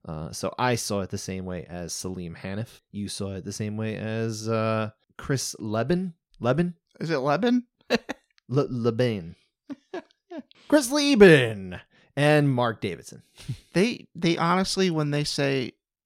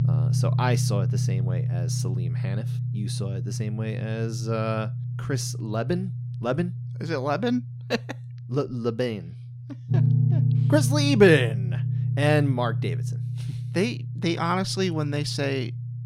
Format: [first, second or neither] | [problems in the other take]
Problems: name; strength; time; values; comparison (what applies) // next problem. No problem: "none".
first | background music; loud; throughout; as loud as the speech